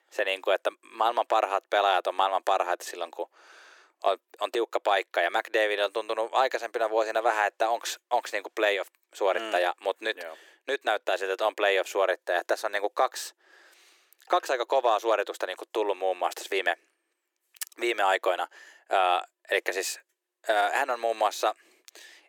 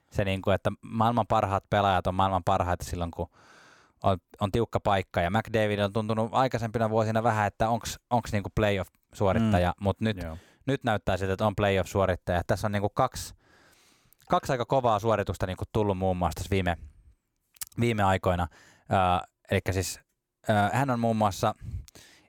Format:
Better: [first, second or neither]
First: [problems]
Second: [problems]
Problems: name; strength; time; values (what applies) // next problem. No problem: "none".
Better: second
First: thin; very; fading below 350 Hz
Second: none